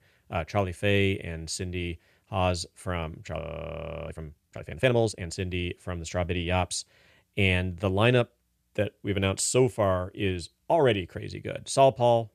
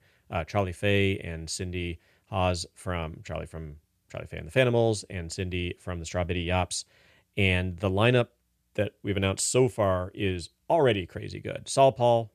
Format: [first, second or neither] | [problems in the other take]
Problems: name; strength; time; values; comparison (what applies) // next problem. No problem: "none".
second | audio freezing; at 3.5 s for 0.5 s